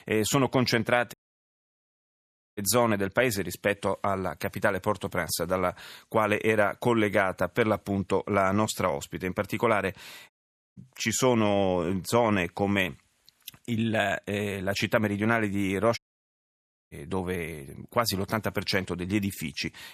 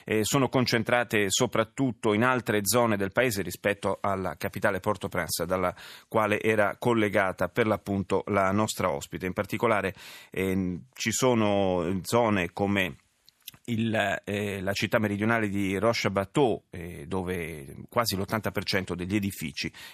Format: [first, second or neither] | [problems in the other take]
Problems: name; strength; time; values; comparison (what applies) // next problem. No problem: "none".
second | audio cutting out; at 1 s for 1.5 s, at 10 s and at 16 s for 1 s